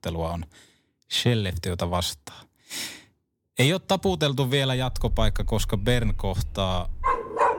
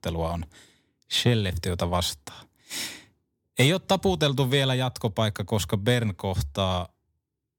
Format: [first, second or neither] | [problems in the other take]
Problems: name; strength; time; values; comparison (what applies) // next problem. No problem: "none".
second | animal sounds; loud; from 5 s on; 5 dB below the speech